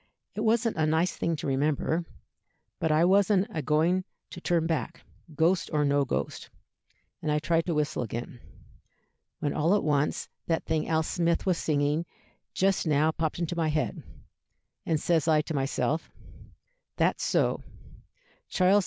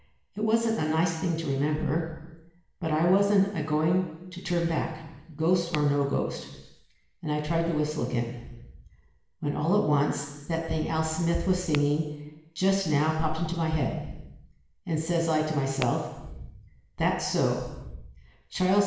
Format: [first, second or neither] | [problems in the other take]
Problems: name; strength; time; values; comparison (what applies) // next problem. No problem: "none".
first | background sound (Tap / Glass); 19 dB below the speech // room echo; dies away in 1 s